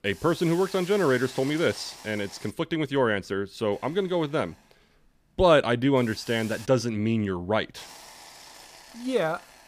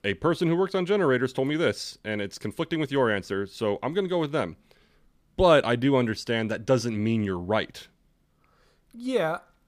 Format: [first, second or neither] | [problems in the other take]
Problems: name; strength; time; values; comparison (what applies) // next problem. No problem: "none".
second | hiss; noticeable; until 2.5 s, from 3.5 to 6.5 s and from 8 s on; 20 dB below the speech